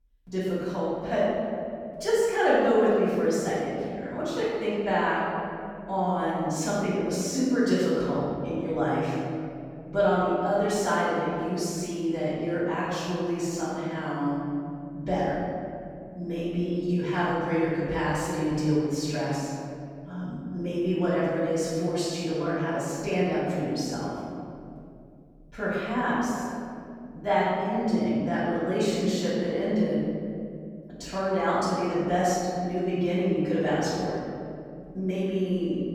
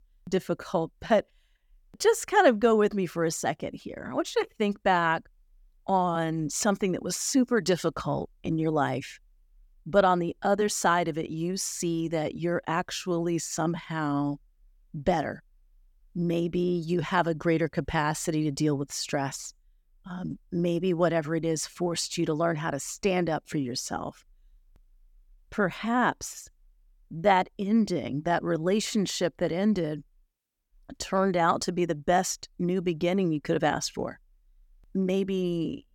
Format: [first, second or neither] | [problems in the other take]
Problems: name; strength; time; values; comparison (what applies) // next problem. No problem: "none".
second | off-mic speech; far // room echo; strong; dies away in 2.5 s